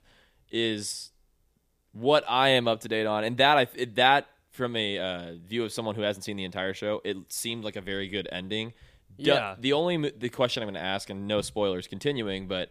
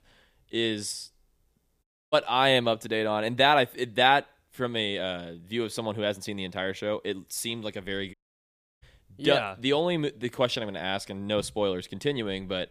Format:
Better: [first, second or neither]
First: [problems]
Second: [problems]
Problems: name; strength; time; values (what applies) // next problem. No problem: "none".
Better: first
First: none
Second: audio cutting out; at 2 s and at 8 s for 0.5 s